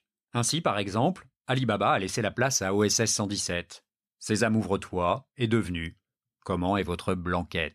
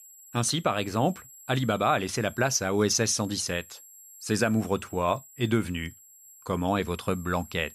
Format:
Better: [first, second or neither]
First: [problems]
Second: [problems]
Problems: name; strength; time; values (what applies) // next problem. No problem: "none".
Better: first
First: none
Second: high-pitched whine; faint; throughout; 7.5 kHz, 20 dB below the speech